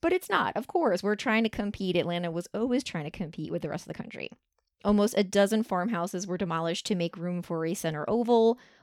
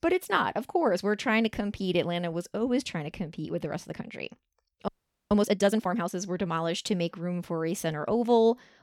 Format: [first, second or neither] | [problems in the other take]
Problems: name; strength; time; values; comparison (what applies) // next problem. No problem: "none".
first | audio freezing; at 5 s